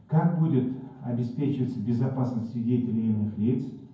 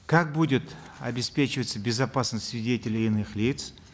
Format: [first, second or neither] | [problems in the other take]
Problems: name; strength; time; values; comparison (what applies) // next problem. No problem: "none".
second | room echo; dies away in 0.9 s